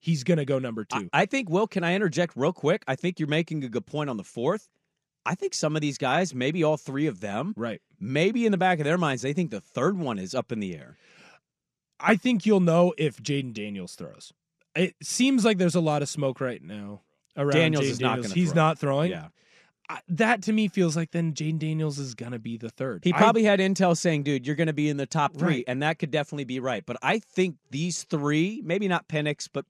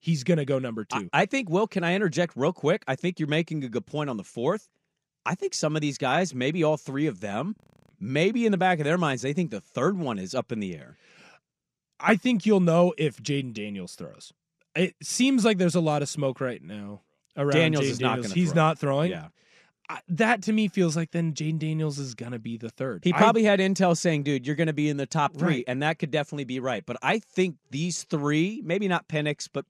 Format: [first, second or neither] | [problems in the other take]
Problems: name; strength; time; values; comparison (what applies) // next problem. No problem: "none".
first | audio freezing; at 7.5 s